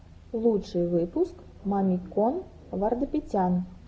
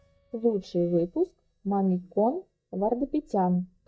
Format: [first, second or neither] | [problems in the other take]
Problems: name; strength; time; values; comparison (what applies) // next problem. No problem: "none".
first | noise reduction (neural mask model DeepFilterNet 3)